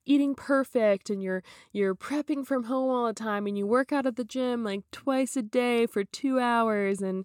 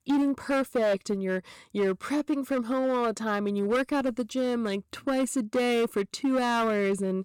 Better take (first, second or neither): first